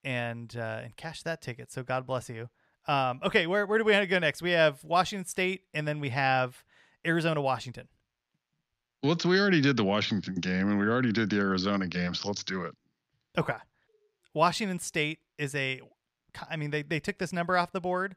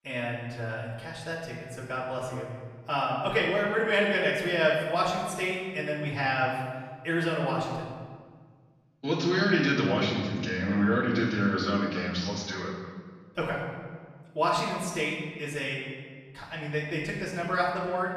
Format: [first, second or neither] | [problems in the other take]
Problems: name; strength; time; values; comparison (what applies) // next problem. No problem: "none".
first | off-mic speech; far // room echo; noticeable; dies away in 1.3 s